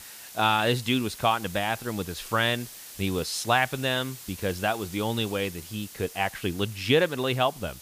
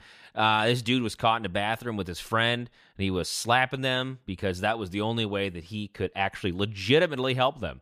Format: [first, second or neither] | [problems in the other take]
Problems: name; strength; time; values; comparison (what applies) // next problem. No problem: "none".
second | hiss; noticeable; throughout; 15 dB below the speech